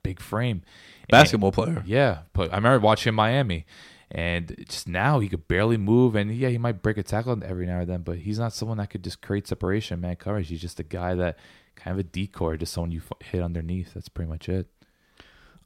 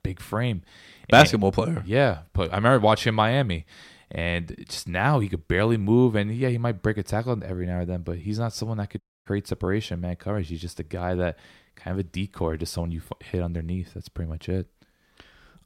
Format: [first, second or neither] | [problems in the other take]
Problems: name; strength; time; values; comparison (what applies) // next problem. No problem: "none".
first | audio cutting out; at 9 s